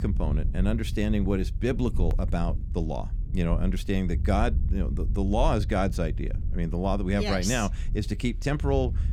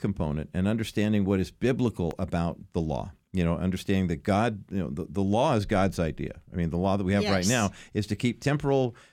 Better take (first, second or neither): second